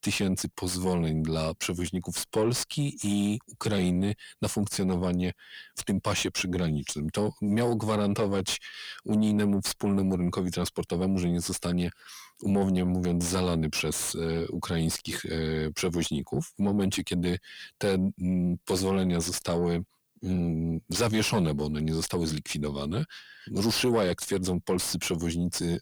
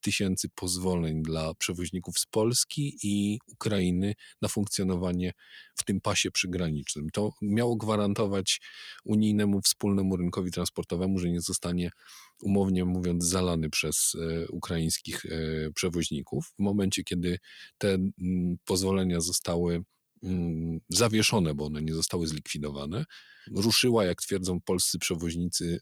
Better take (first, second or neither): second